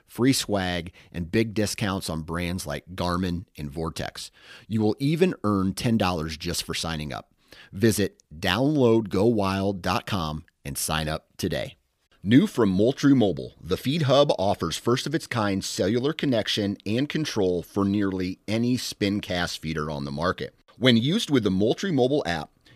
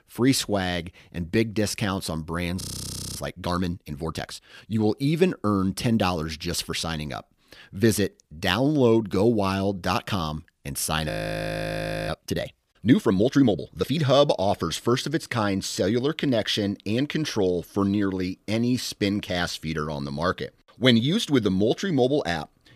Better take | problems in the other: first | audio freezing; at 2.5 s for 0.5 s and at 11 s for 1 s

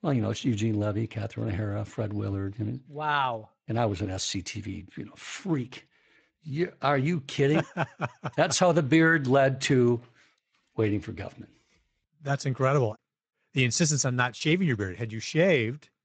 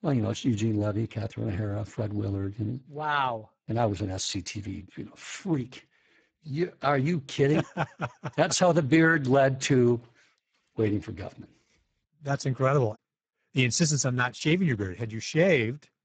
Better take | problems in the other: first | garbled, watery; badly; nothing above 7.5 kHz; slightly in the first

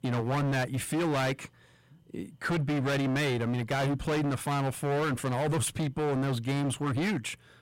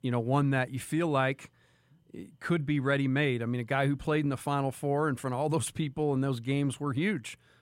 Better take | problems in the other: second | distortion; heavy; 29% of the sound clipped

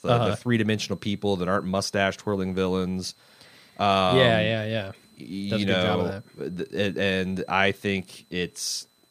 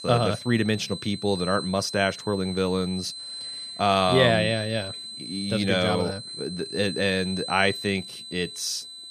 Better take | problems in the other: first | high-pitched whine; loud; throughout; 4 kHz, 10 dB below the speech; faint in the first

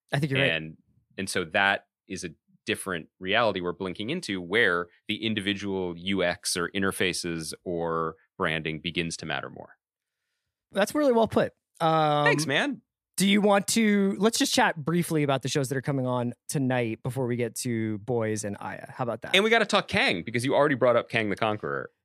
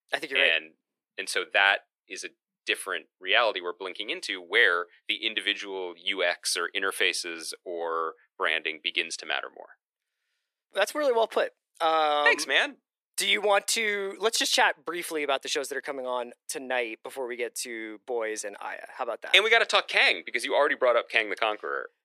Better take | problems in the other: first | thin; very; fading below 400 Hz

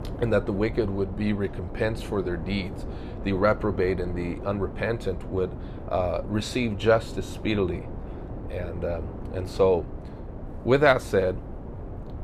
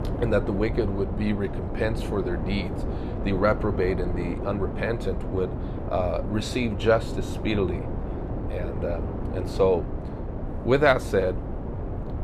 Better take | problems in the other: first | wind noise on the microphone; heavy; 10 dB below the speech; occasional gusts in the first

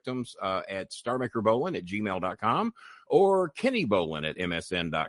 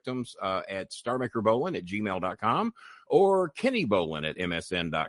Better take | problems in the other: neither | garbled, watery; slightly; nothing above 11 kHz; the same in both

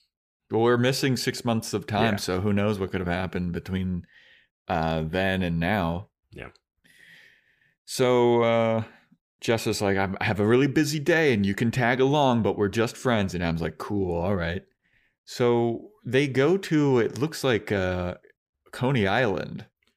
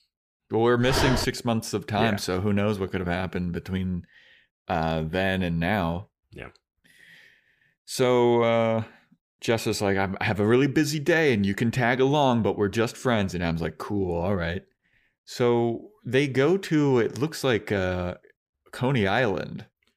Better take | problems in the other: first | dog barking; noticeable; at 1 s; peak 1 dB below the speech

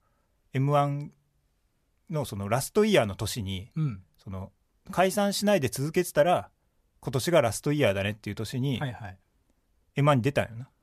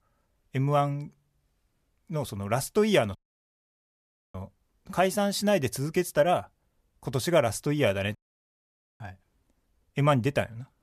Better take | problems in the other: first | audio cutting out; at 3 s for 1 s and at 8 s for 1 s

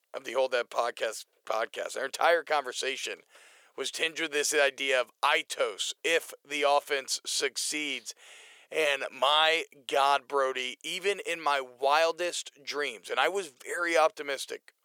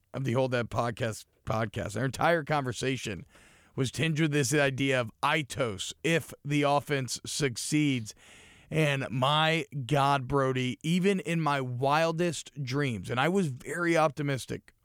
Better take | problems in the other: second | thin; very; fading below 450 Hz

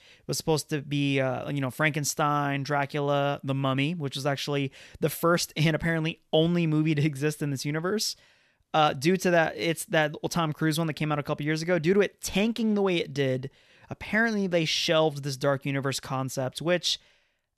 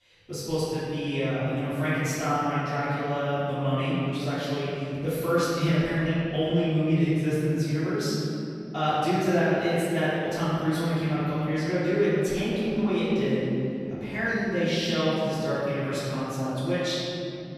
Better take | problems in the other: first | off-mic speech; far // room echo; strong; dies away in 3 s

